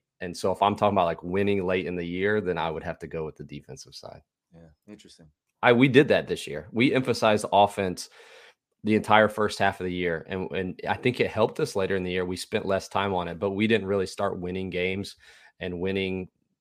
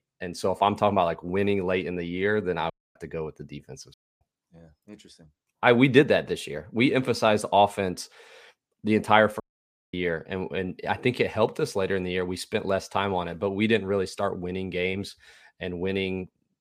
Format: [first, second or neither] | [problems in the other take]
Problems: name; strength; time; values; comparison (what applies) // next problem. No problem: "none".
first | audio cutting out; at 2.5 s, at 4 s and at 9.5 s for 0.5 s